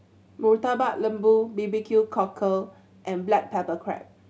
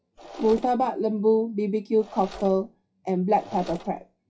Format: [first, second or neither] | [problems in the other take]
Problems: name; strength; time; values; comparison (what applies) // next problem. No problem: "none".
first | noise reduction (classical method WPE with log-MMSE)